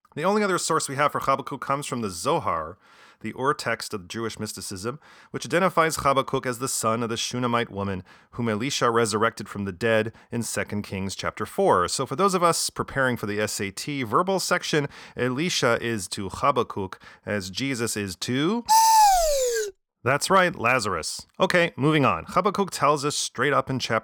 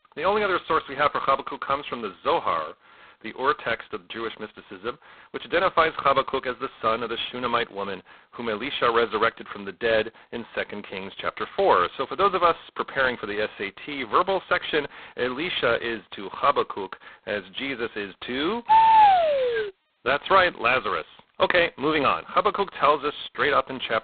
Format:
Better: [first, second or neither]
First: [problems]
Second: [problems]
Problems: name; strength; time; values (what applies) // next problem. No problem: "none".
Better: first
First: none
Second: phone-call audio; poor line; nothing above 4 kHz